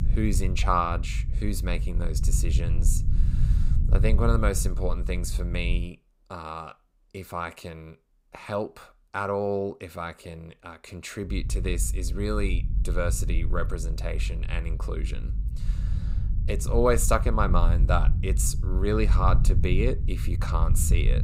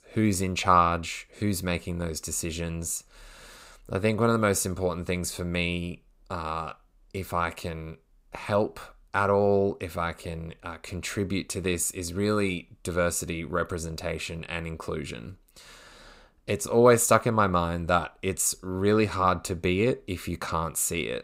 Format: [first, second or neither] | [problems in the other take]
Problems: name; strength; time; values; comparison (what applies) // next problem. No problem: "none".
second | low rumble; noticeable; until 6 s and from 11 s on; 15 dB below the speech